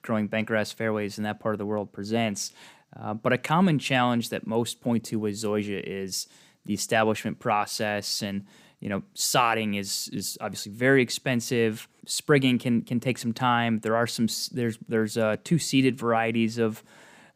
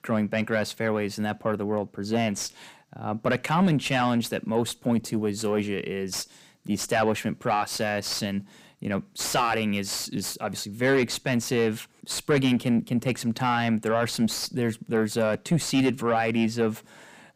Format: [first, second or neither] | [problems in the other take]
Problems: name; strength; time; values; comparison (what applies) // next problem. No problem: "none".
first | distortion; slight; 10 dB below the speech